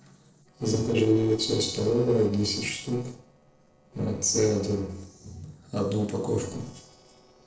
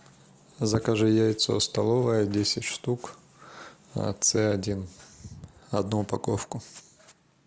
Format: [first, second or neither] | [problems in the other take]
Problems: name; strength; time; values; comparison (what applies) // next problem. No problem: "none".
second | noise reduction (neural separator model SepFormer DNS4)